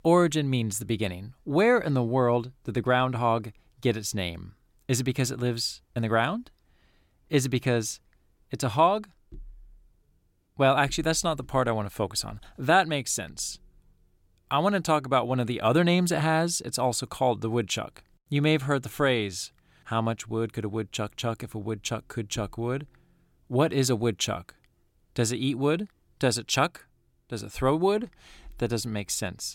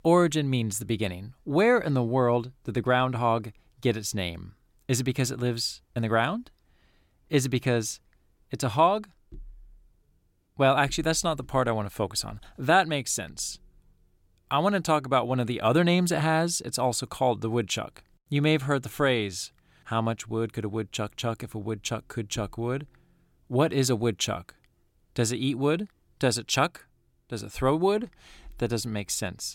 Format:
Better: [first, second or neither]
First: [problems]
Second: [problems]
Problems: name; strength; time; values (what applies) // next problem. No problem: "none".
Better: neither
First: none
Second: none